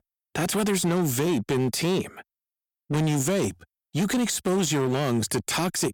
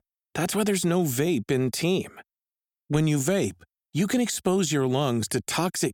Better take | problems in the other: second | distortion; slight; 17% of the sound clipped

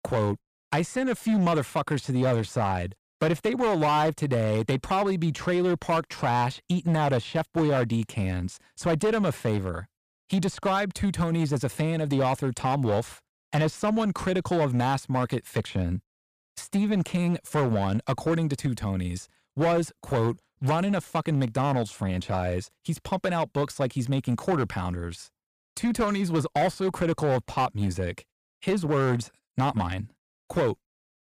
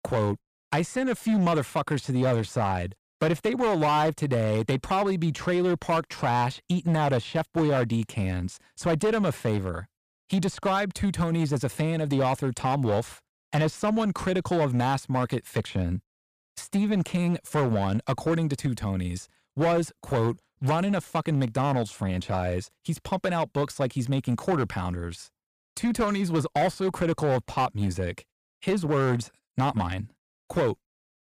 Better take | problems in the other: neither | distortion; slight; 10% of the sound clipped; the same in both

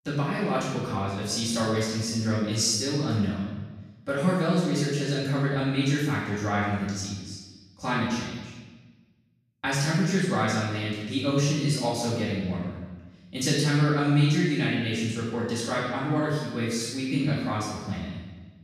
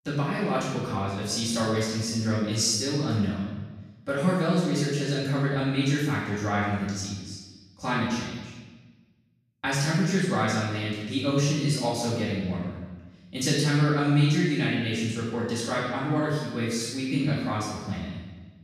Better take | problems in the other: neither | room echo; strong; dies away in 1.2 s; the same in both // off-mic speech; far; the same in both

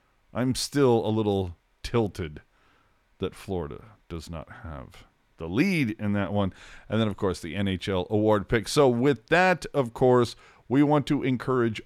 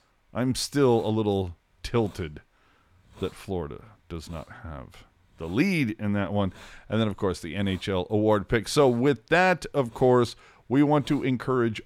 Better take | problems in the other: first | hiss; faint; throughout; 30 dB below the speech

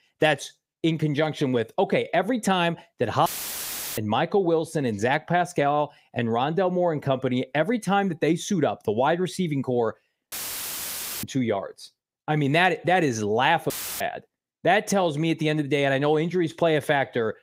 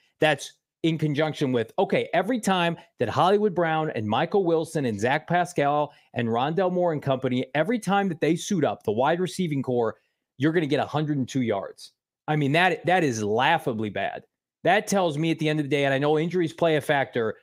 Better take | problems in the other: second | audio cutting out; filled with static; at 3.5 s for 0.5 s, at 10 s for 1 s and at 14 s

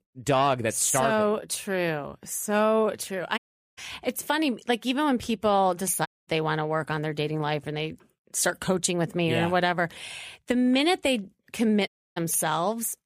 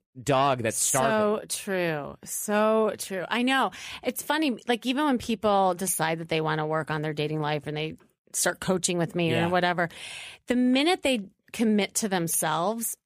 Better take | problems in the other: second | audio cutting out; at 3.5 s, at 6 s and at 12 s

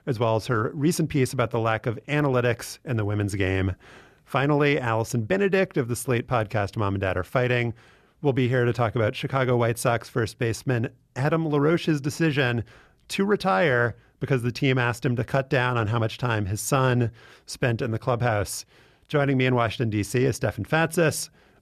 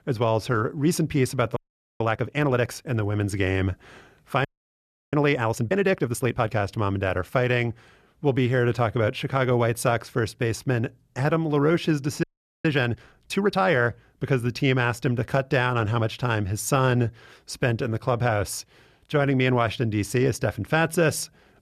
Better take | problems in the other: first | audio freezing; at 1.5 s, at 4.5 s for 0.5 s and at 12 s

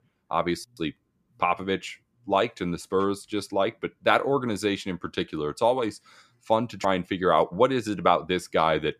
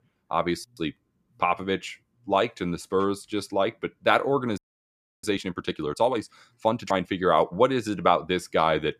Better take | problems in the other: first | audio freezing; at 4.5 s for 0.5 s

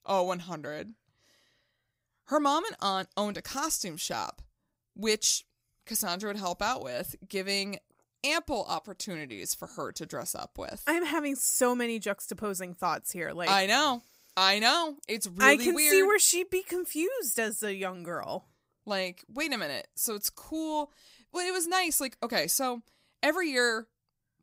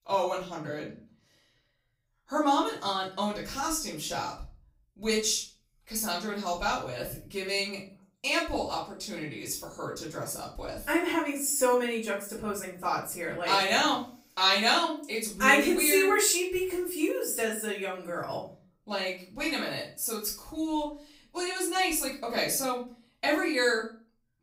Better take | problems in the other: first | off-mic speech; far // room echo; slight; dies away in 0.4 s

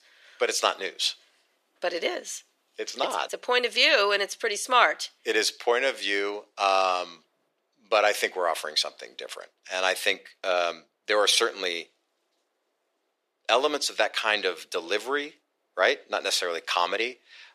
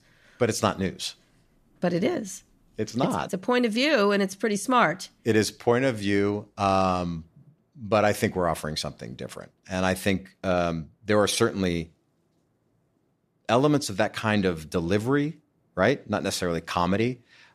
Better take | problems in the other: second | thin; very; fading below 400 Hz

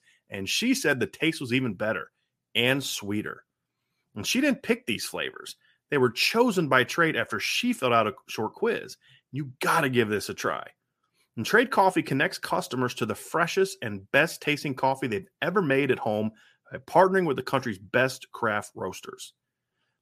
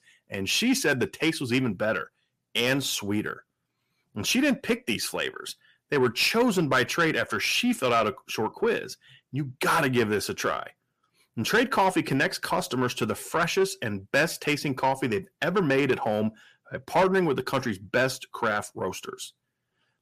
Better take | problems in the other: first | distortion; slight; 10 dB below the speech

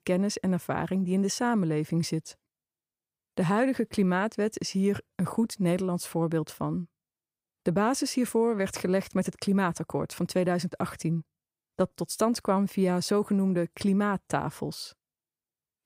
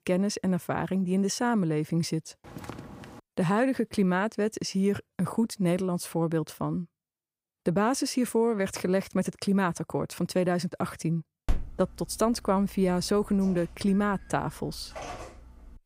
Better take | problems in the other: first | footsteps; faint; at 2.5 s; peak 15 dB below the speech // phone ringing; noticeable; at 11 s; peak 7 dB below the speech

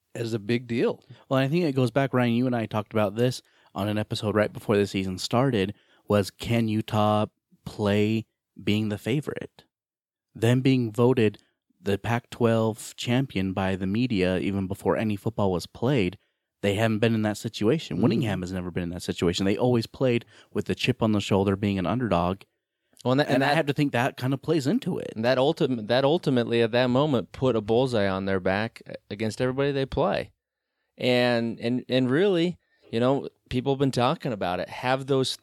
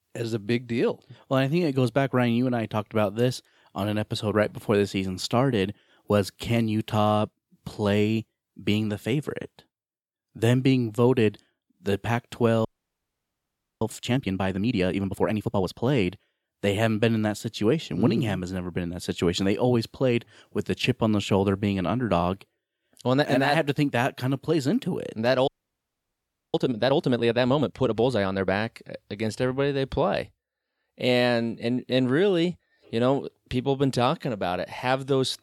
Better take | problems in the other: first | audio freezing; at 13 s for 1 s and at 25 s for 1 s

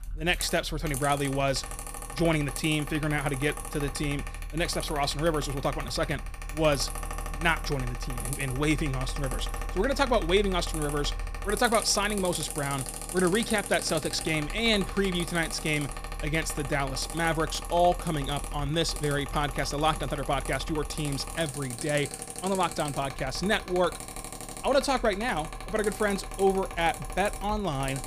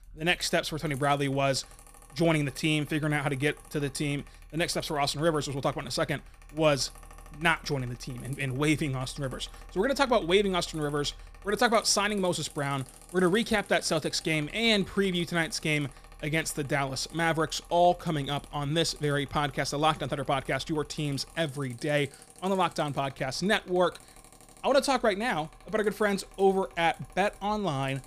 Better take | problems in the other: second | machinery noise; loud; throughout; 8 dB below the speech; faint in the second

